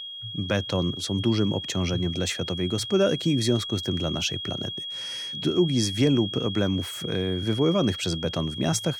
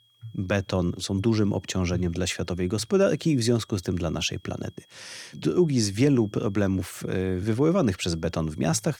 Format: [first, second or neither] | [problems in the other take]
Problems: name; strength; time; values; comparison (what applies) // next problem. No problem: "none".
second | high-pitched whine; loud; throughout; 3.5 kHz, 6 dB below the speech; faint in the second